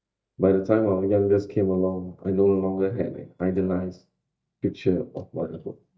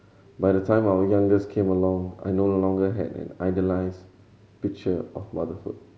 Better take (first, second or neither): second